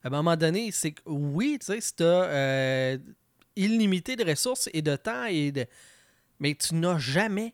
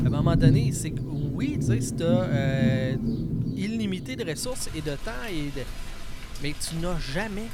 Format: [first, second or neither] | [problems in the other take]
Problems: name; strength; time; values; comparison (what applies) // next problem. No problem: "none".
first | rain or running water; very loud; throughout; 5 dB above the speech